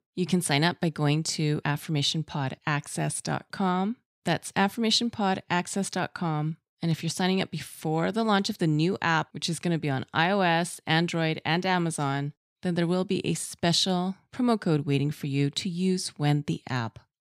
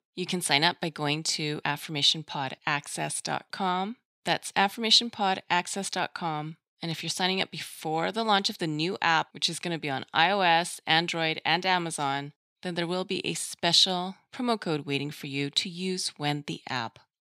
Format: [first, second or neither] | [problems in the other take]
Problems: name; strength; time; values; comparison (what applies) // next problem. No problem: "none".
first | thin; somewhat; fading below 750 Hz